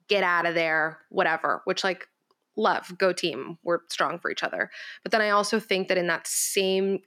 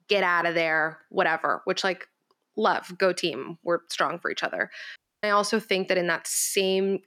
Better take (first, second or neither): first